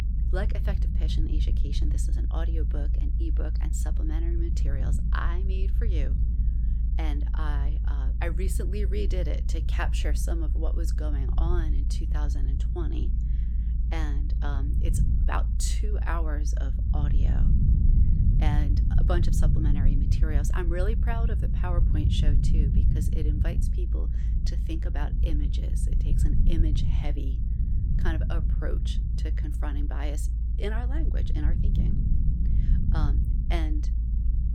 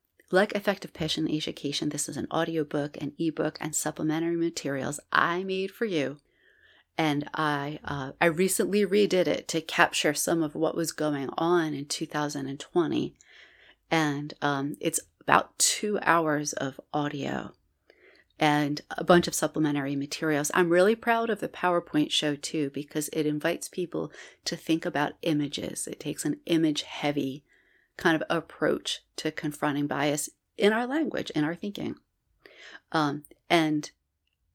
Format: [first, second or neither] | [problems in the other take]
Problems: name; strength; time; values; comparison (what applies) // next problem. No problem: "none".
second | low rumble; loud; throughout; 5 dB below the speech